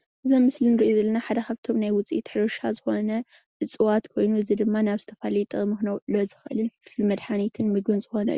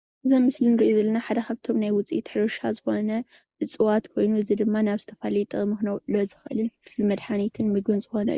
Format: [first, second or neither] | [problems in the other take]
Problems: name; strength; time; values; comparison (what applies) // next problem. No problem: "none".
first | noise reduction (neural mask model Resemble Enhance denoiser)